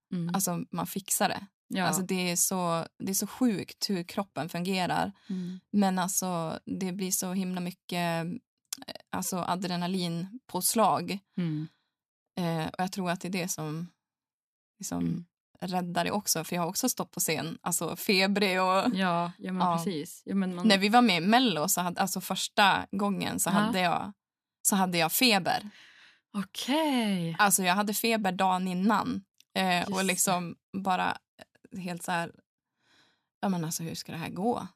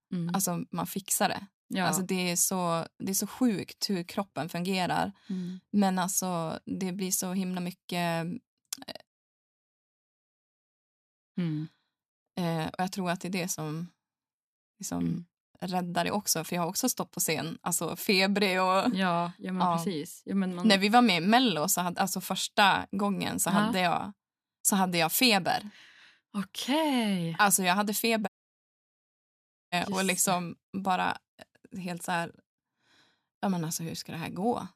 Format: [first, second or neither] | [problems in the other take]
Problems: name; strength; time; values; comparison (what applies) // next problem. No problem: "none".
first | audio cutting out; at 9 s for 2.5 s and at 28 s for 1.5 s